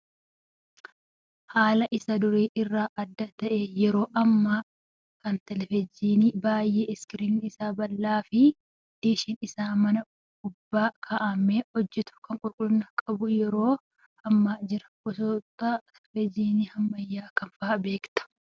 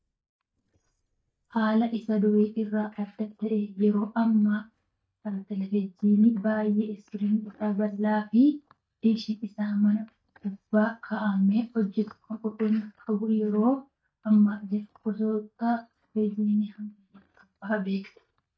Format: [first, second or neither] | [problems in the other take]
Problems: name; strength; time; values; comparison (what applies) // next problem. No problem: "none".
first | noise reduction (neural mask model DeepFilterNet 3)